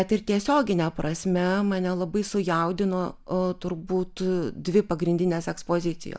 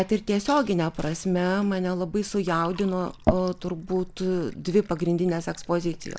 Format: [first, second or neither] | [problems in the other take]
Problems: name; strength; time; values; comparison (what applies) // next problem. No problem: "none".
first | background sound (Fill (with liquid) / Glass); 11 dB below the speech